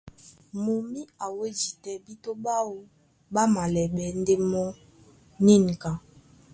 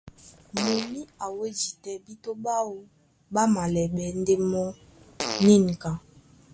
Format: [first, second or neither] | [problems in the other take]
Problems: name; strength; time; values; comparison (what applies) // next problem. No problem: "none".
first | background sound (Fart); 9 dB below the speech